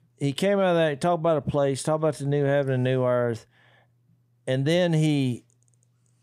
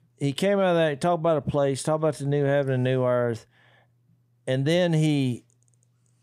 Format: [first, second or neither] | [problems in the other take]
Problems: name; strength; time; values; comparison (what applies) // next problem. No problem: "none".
neither | none